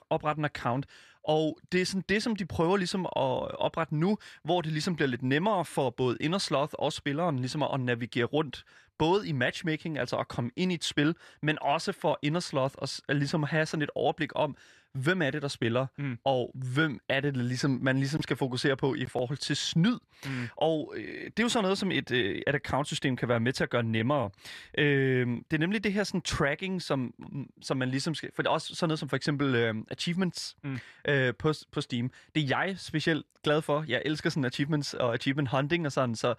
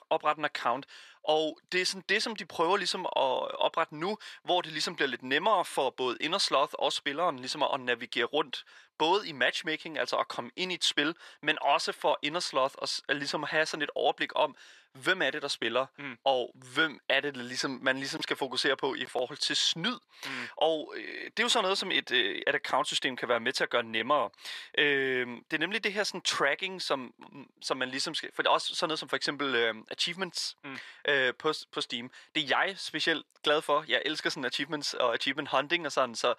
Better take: first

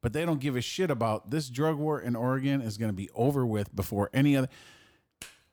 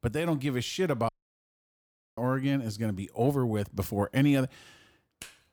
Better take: first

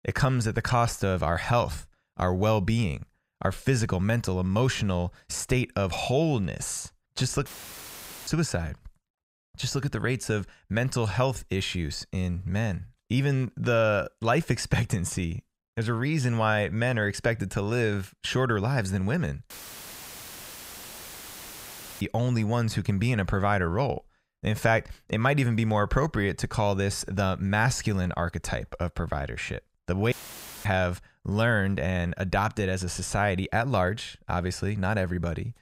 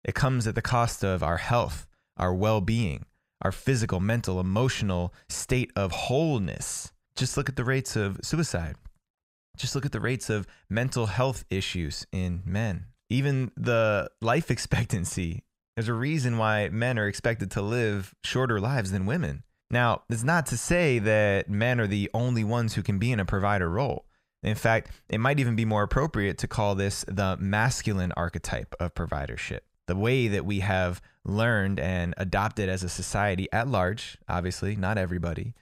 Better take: second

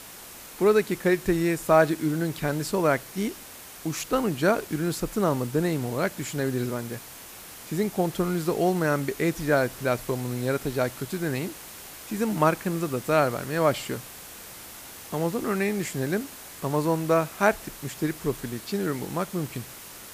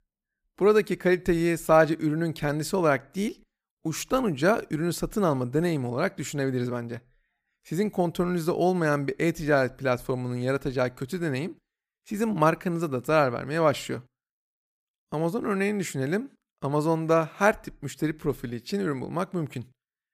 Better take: second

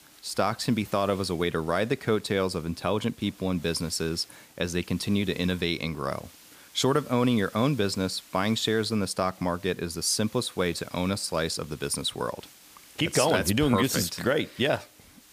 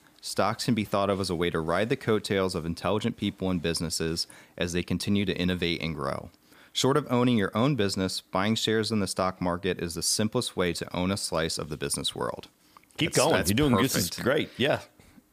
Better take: second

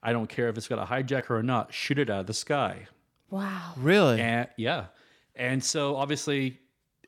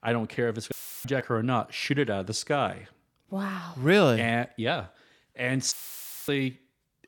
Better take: first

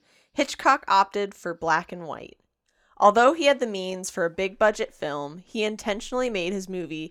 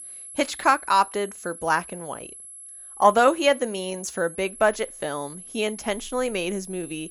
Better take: first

